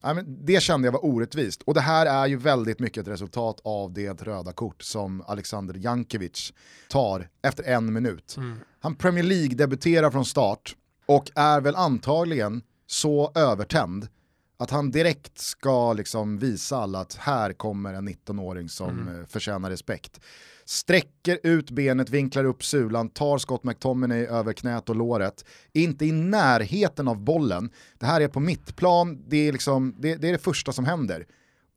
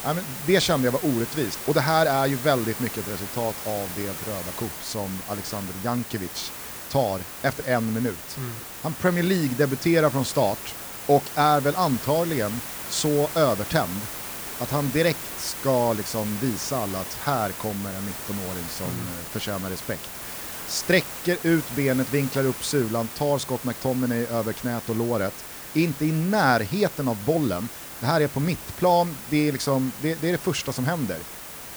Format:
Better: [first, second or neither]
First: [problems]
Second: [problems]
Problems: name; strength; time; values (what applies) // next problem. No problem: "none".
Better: first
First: none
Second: hiss; loud; throughout; 8 dB below the speech